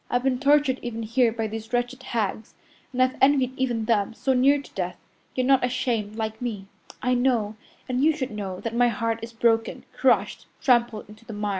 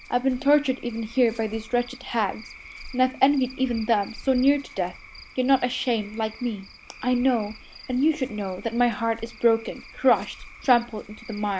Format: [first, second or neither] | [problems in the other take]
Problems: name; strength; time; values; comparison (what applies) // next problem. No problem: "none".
first | background sound (Cricket / Frog); 19 dB below the speech